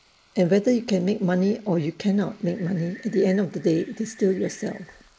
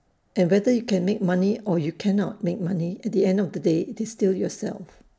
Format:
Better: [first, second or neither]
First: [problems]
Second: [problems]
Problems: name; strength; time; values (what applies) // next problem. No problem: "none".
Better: second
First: noise reduction (neural mask model Resemble Enhance denoiser)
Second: none